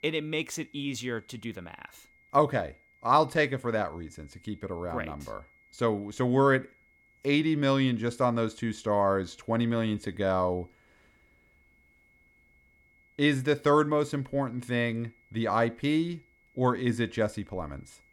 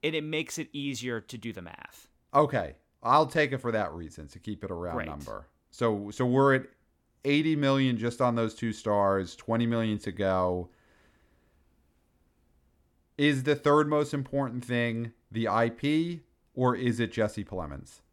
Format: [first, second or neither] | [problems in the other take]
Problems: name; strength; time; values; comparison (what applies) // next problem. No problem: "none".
second | high-pitched whine; faint; throughout; 2 kHz, 35 dB below the speech